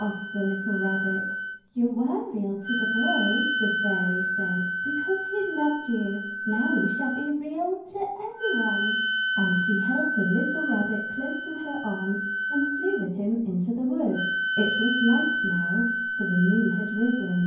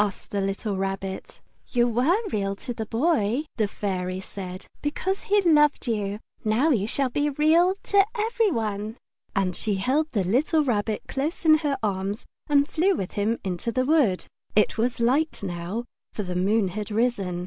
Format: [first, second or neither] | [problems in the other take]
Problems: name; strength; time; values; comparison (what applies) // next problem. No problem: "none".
second | background sound (Wind instrument, woodwind instrument); 2 dB below the speech // room echo; dies away in 0.9 s